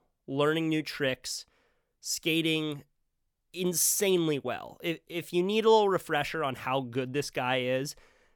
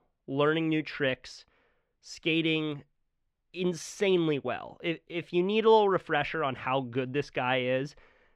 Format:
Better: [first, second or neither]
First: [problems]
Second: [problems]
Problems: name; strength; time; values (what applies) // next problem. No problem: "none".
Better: first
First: none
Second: muffled; slightly; fading above 2.5 kHz